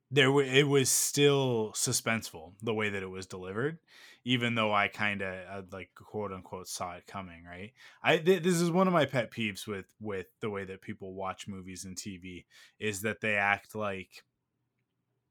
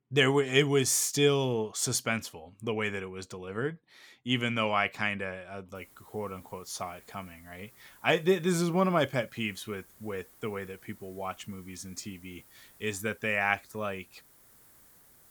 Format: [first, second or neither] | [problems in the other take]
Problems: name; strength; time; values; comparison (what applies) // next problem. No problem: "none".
first | hiss; faint; from 6 s on; 25 dB below the speech